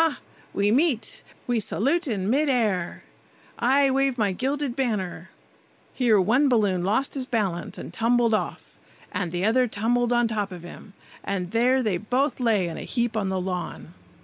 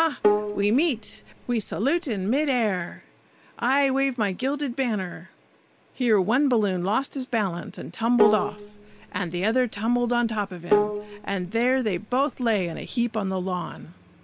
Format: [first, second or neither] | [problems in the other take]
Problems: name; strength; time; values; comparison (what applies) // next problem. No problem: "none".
first | background sound (Bowed string instrument); 4 dB below the speech